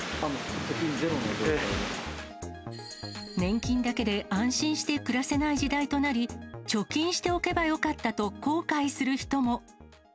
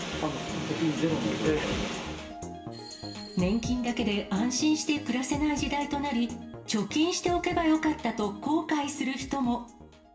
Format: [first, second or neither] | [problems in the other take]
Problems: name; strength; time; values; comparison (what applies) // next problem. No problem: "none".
first | room echo; dies away in 0.7 s